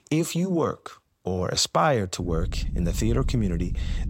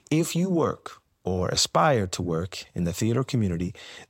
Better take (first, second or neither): second